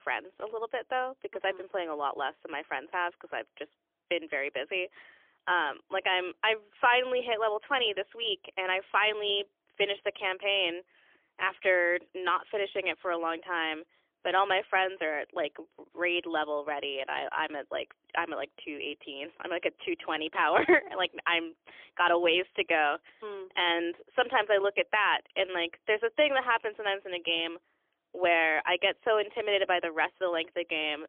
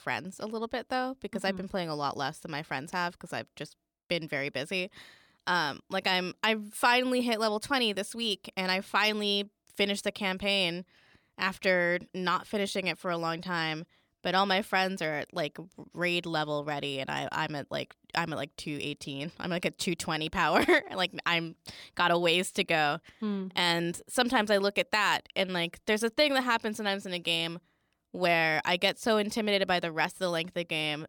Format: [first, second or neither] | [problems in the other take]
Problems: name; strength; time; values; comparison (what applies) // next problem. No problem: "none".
second | phone-call audio; poor line; nothing above 3.5 kHz